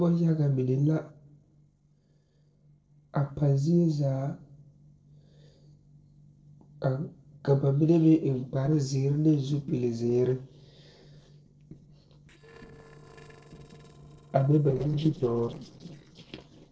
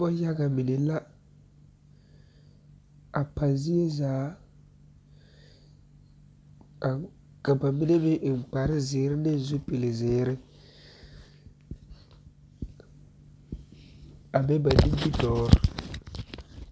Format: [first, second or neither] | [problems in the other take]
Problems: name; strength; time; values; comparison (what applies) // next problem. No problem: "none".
second | noise reduction (neural separator model SepFormer DNS4)